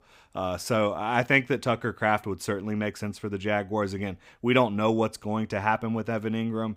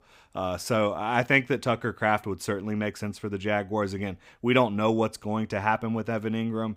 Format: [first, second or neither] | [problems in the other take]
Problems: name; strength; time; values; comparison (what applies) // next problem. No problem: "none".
neither | none